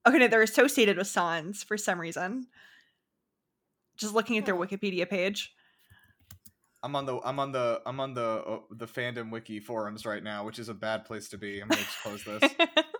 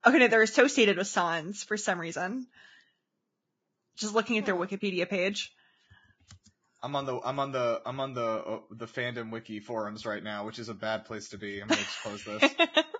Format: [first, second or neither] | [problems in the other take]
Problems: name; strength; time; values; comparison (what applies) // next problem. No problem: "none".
first | garbled, watery; badly; nothing above 7.5 kHz